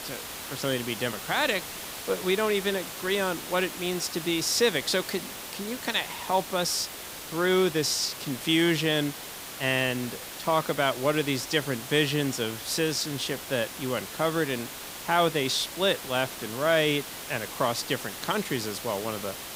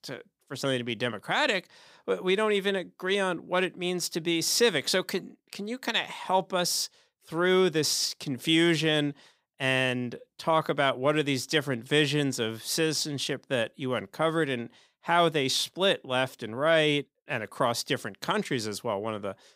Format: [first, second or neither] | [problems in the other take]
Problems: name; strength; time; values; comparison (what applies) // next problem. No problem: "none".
second | hiss; loud; throughout; 9 dB below the speech